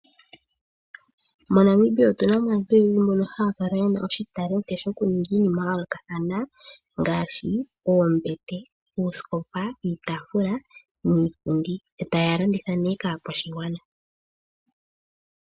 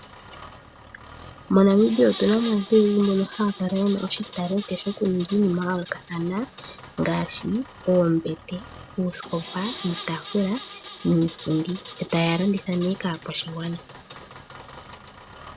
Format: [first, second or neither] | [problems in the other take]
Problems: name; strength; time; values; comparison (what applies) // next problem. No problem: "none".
first | background sound (Engine); 17 dB below the speech